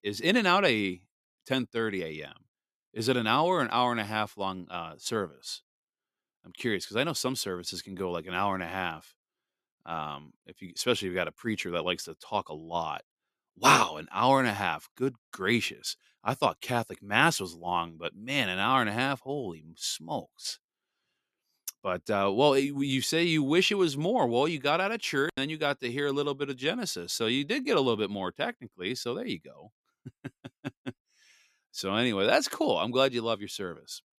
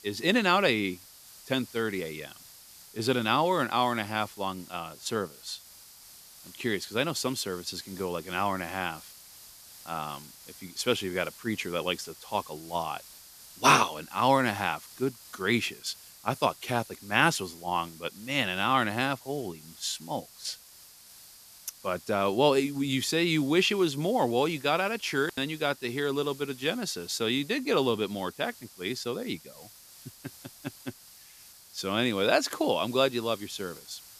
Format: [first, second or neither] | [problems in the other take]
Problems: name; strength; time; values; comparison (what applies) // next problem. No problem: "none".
first | hiss; noticeable; throughout; 20 dB below the speech